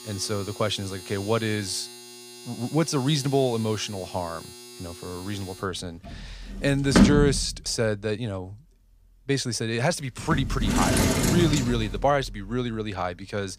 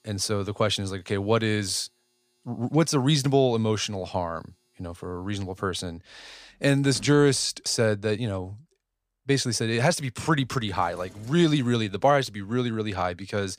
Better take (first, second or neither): second